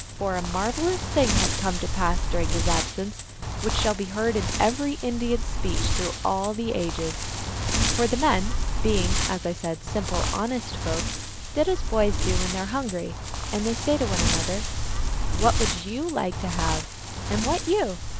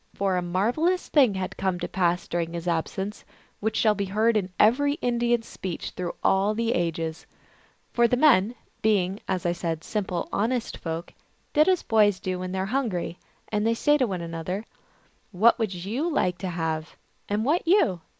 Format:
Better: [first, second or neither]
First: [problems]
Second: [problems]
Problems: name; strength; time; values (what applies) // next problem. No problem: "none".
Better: second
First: background sound (Wind); 1 dB above the speech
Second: none